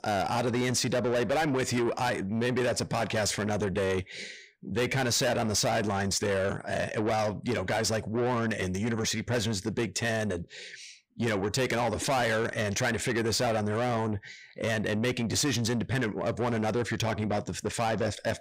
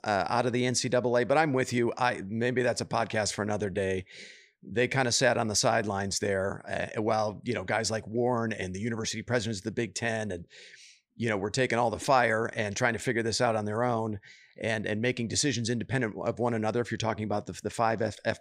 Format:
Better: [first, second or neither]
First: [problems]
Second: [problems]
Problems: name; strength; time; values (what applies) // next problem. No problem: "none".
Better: second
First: distortion; heavy; 7 dB below the speech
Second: none